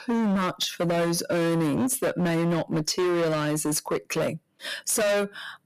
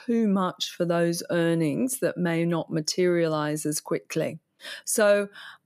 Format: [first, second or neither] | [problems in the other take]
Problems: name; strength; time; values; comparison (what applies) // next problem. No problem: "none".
second | distortion; heavy; 25% of the sound clipped